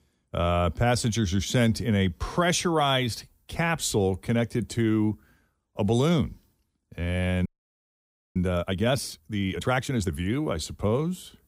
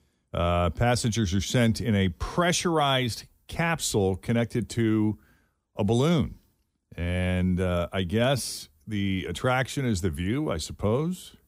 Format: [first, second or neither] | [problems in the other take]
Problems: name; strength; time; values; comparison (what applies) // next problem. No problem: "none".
second | audio freezing; at 7.5 s for 1 s